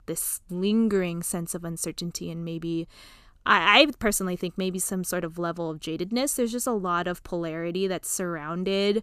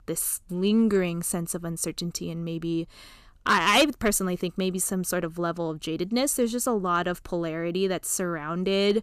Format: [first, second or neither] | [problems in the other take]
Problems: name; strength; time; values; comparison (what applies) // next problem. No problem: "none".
first | distortion; slight; 0.9% of the sound clipped